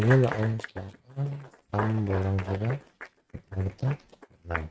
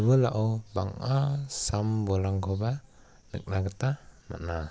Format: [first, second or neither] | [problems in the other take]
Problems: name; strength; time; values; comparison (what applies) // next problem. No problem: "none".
second | noise reduction (neural mask model RNNoise)